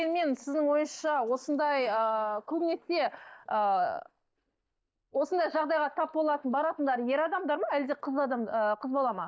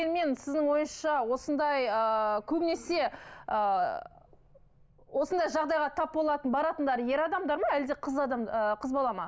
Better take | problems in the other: second | noise reduction (neural mask model DeepFilterNet 3)

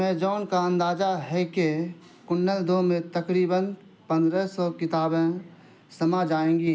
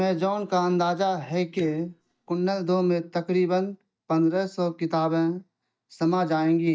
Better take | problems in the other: first | noise reduction (neural mask model DeepFilterNet 3)

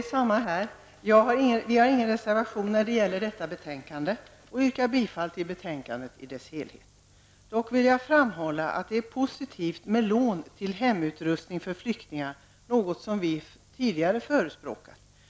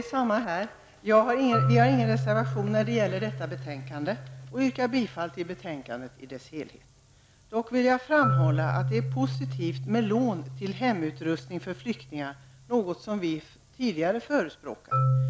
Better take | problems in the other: first | background sound (Marimba, xylophone); 4 dB below the speech

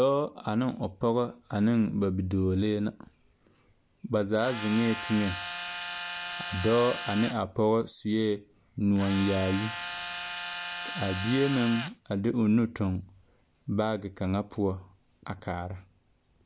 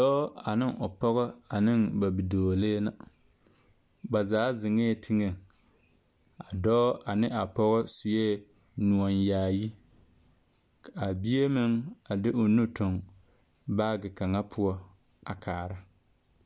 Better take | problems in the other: second | background sound (Tools); 8 dB below the speech

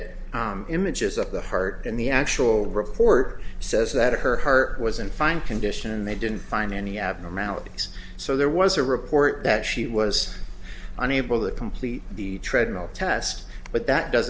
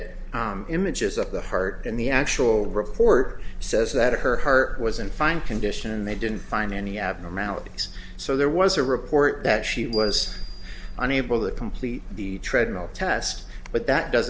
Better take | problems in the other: first | background sound (Bell); 15 dB below the speech

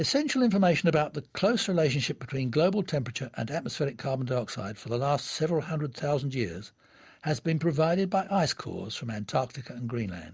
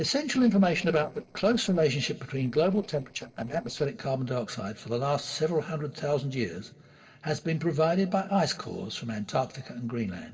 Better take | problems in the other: first | noise reduction (neural separator model SepFormer DNS4)

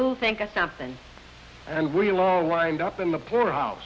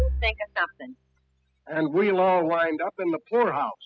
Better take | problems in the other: first | noise reduction (classical method spectral subtraction)

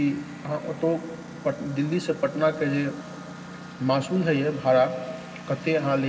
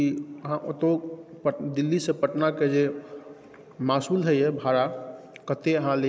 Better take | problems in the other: second | background sound (Engine); 14 dB below the speech // room echo; dies away in 0.4 s

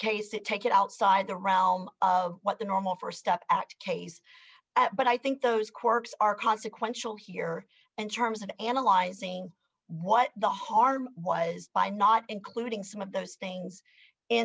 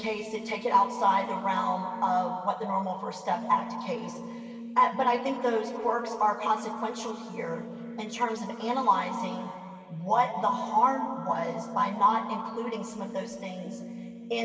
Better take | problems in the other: first | background sound (Brass instrument); 12 dB below the speech // room echo; dies away in 2.4 s

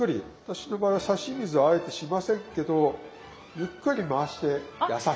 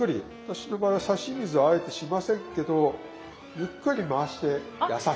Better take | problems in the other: first | background sound (Wind instrument, woodwind instrument); 18 dB below the speech

